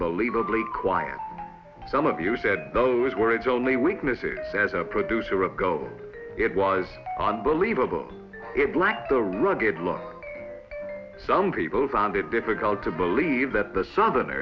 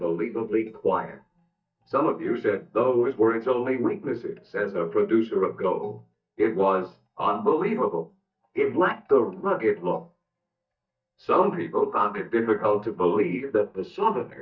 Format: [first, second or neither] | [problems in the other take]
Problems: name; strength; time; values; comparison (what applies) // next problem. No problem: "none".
first | noise reduction (neural mask model DeepFilterNet 3)